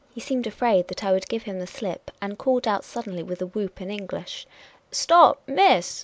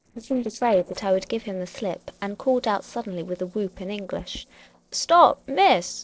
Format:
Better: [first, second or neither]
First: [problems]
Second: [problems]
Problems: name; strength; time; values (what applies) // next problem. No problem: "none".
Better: first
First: none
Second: noise reduction (neural separator model SepFormer DNS4)